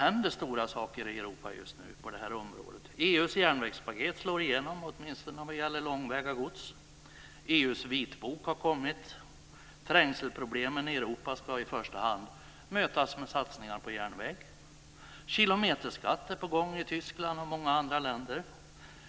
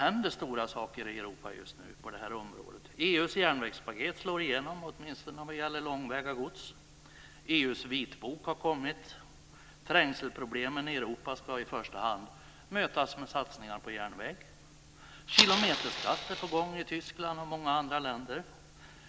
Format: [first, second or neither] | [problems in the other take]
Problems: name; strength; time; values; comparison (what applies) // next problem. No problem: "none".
first | background sound (Fire); 3 dB above the speech